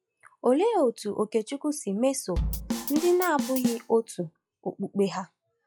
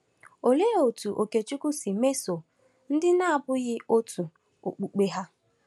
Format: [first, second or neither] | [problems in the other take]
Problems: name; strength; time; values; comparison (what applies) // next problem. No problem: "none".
second | noise reduction (classical method log-MMSE)